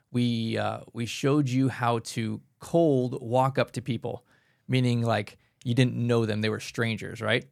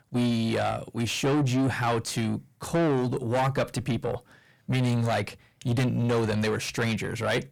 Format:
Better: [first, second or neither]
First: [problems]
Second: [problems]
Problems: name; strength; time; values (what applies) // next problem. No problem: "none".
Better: first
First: none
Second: distortion; heavy; 5 dB below the speech